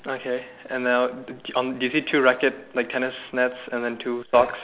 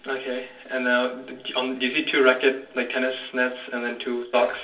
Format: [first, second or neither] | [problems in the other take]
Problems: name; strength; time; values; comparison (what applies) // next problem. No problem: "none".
first | room echo; dies away in 0.3 s